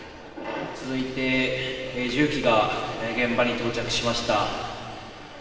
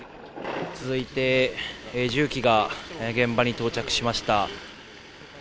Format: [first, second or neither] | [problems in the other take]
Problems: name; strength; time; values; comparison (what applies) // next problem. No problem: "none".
second | room echo; dies away in 2.7 s